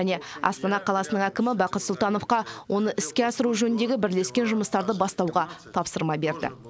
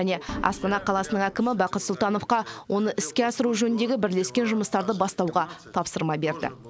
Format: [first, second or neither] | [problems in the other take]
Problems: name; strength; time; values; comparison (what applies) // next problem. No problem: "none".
first | background sound (Organ); 14 dB below the speech